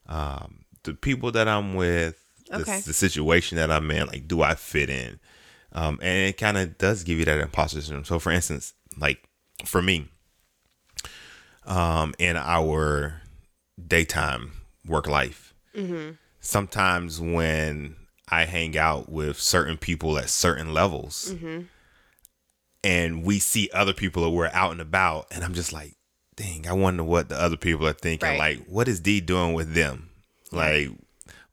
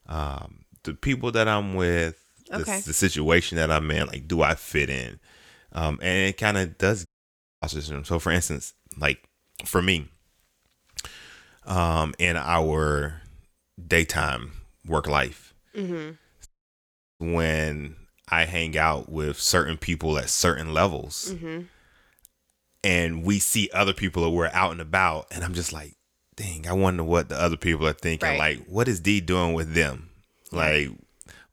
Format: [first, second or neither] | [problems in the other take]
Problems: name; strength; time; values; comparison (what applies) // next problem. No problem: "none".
first | audio cutting out; at 7 s for 0.5 s and at 16 s for 0.5 s